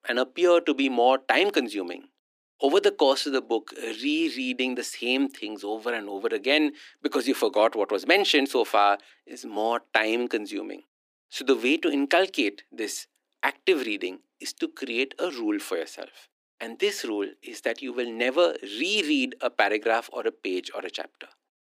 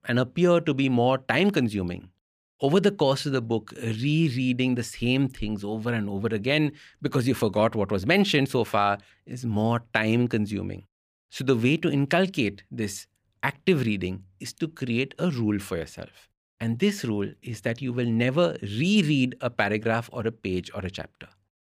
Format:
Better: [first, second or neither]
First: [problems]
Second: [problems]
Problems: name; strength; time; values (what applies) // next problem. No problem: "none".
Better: second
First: thin; somewhat; fading below 300 Hz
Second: none